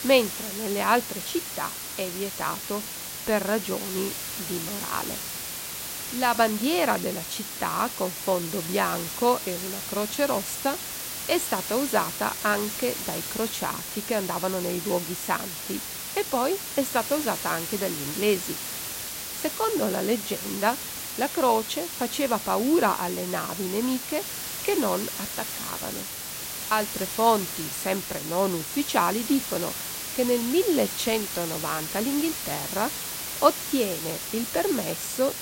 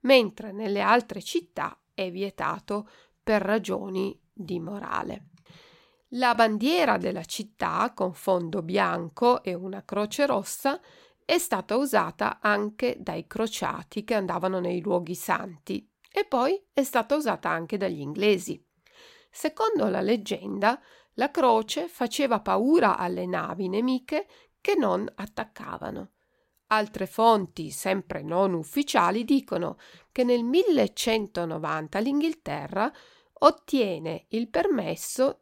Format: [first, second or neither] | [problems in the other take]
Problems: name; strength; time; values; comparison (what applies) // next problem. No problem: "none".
second | hiss; loud; throughout; 4 dB below the speech